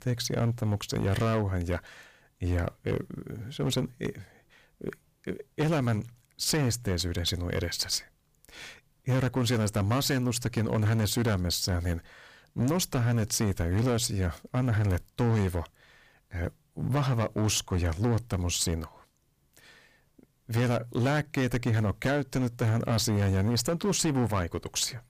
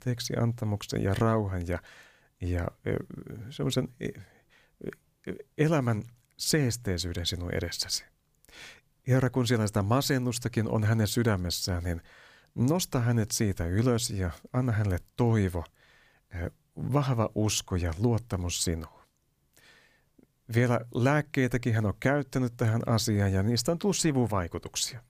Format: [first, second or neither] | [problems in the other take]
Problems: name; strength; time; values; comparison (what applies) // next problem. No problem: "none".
second | distortion; slight; 11% of the sound clipped